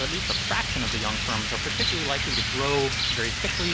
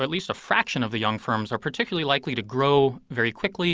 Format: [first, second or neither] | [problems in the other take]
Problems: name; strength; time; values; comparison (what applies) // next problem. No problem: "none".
second | background sound (Rain); 3 dB above the speech